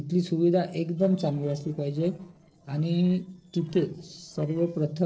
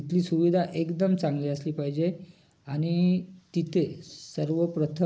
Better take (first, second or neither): second